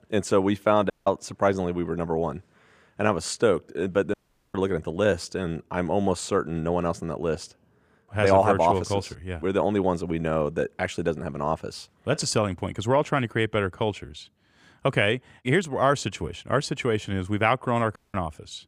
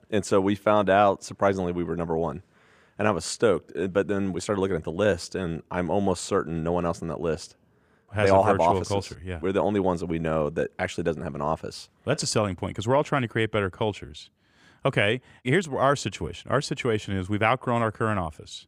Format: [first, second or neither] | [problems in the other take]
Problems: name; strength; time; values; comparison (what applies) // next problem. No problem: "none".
second | audio cutting out; at 1 s, at 4 s and at 18 s